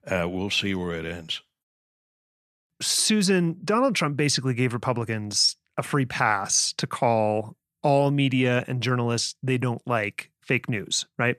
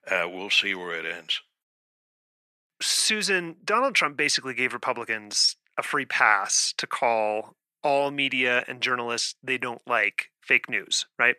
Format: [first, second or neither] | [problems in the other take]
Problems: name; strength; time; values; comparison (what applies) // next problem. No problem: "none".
first | thin; somewhat; fading below 400 Hz